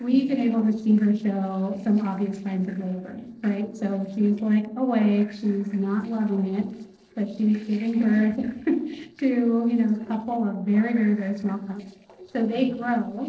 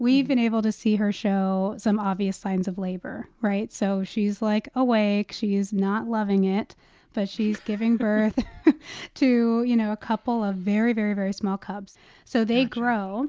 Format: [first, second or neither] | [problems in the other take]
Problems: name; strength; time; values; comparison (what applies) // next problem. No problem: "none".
second | noise reduction (neural separator model SepFormer DNS4)